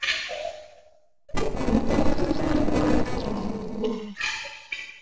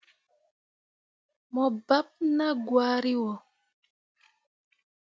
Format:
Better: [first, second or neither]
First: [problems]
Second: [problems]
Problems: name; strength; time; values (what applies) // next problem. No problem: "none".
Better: second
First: noise reduction (neural separator model SepFormer DNS4)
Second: none